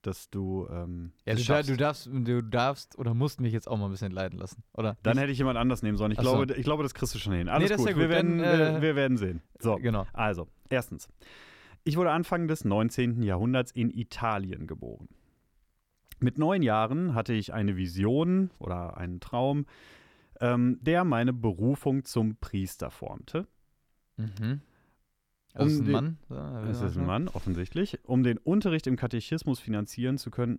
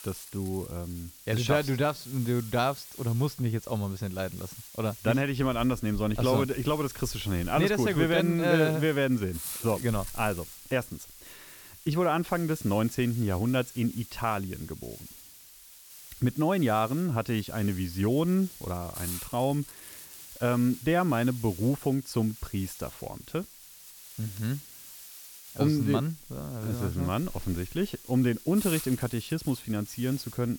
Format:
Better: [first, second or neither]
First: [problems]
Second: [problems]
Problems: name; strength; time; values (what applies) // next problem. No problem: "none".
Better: first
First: none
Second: hiss; noticeable; throughout; 15 dB below the speech